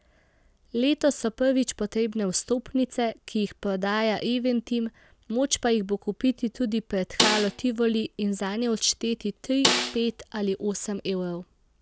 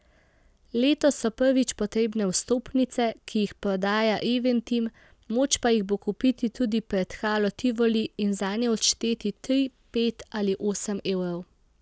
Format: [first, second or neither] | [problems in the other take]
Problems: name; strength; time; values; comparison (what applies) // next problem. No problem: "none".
second | background sound (Snare drum); 1 dB below the speech